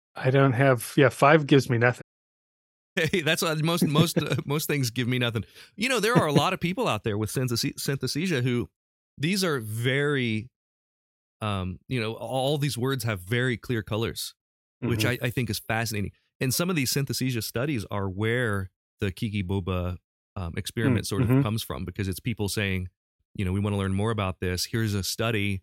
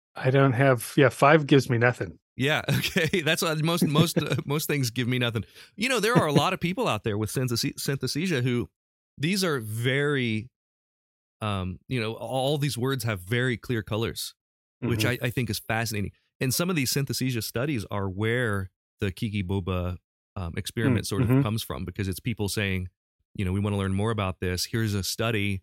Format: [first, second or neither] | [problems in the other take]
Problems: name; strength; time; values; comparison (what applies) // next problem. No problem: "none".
second | audio cutting out; at 2 s for 1 s